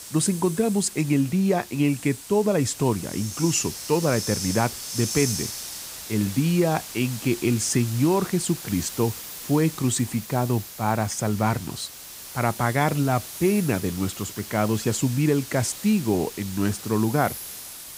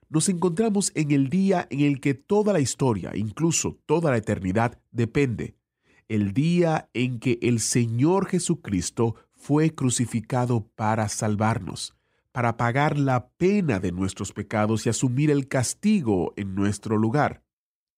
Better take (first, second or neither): second